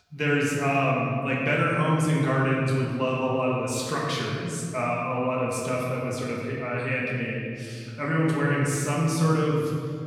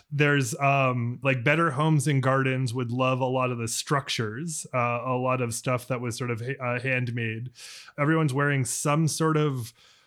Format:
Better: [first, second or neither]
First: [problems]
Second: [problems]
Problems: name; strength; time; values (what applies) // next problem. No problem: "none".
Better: second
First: off-mic speech; far // room echo; noticeable; dies away in 2 s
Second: none